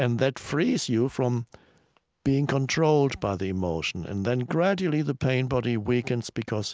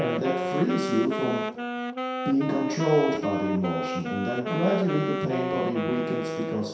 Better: first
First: none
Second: background sound (Wind instrument, woodwind instrument); 3 dB below the speech // room echo; dies away in 0.7 s

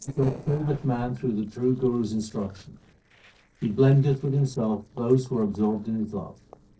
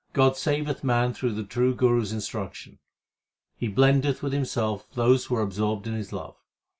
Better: second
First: noise reduction (neural separator model SepFormer DNS4)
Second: none

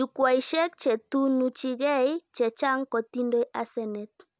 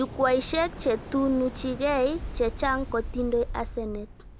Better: first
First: none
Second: background sound (Waves, surf); 10 dB below the speech

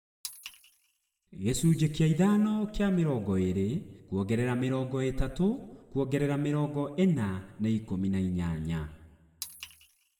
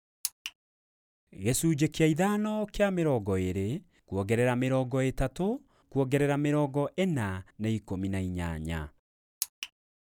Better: second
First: room echo; dies away in 1.2 s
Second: none

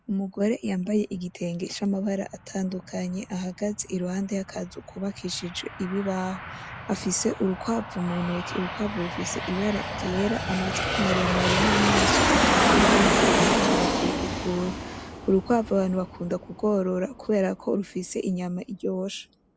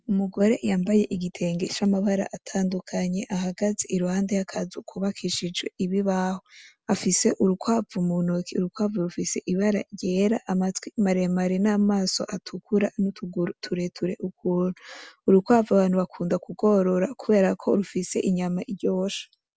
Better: second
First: background sound (Aircraft); as loud as the speech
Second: none

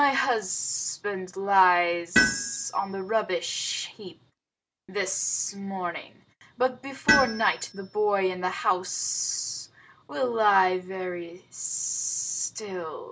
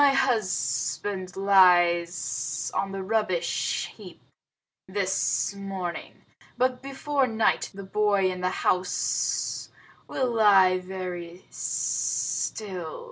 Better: second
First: background sound (Tools); 4 dB below the speech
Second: none

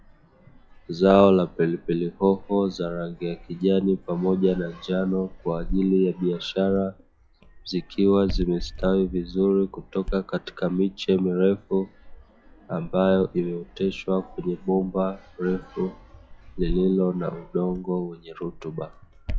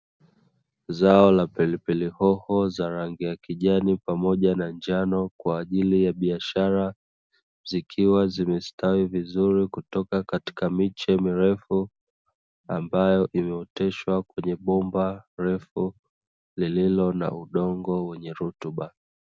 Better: second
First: noise reduction (classical method log-MMSE)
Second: none

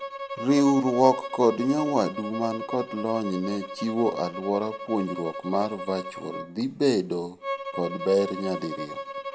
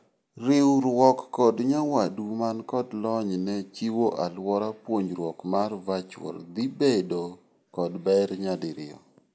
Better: second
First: background sound (Bowed string instrument); 10 dB below the speech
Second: none

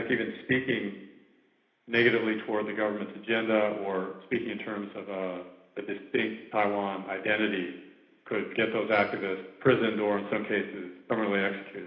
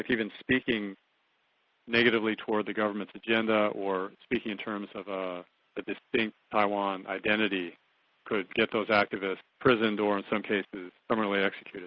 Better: second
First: room echo; dies away in 1 s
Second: none

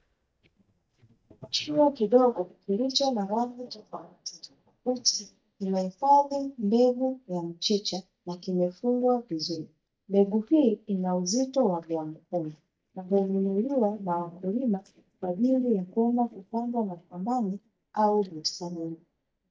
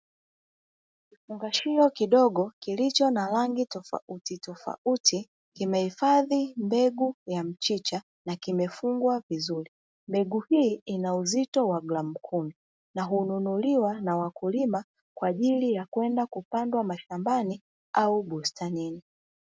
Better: second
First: noise reduction (neural mask model DeepFilterNet 3)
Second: none

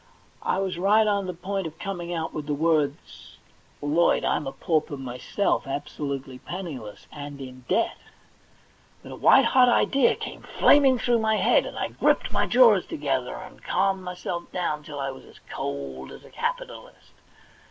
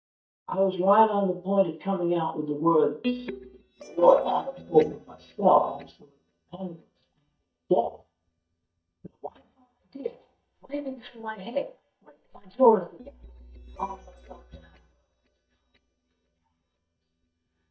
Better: first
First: none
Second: noise reduction (neural mask model DeepFilterNet 3)

